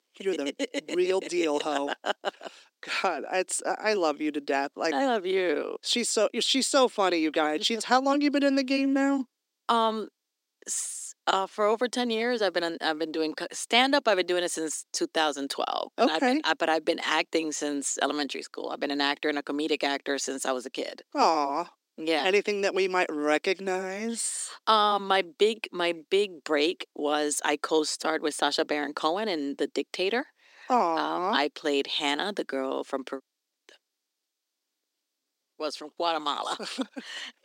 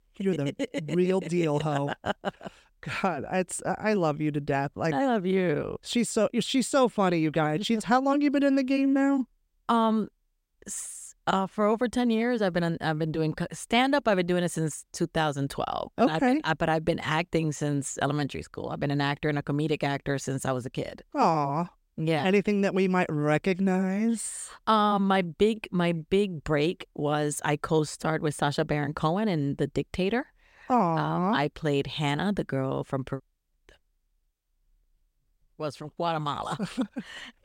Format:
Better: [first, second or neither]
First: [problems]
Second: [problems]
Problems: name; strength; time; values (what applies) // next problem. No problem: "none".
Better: second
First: thin; very slightly; fading below 250 Hz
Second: none